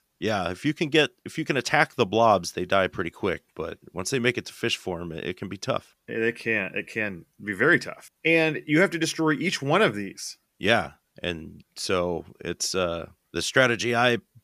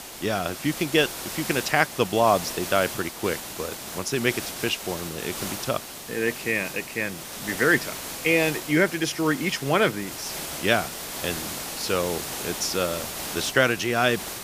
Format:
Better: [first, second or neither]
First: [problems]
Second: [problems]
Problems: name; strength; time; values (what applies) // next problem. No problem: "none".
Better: first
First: none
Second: hiss; loud; throughout; 8 dB below the speech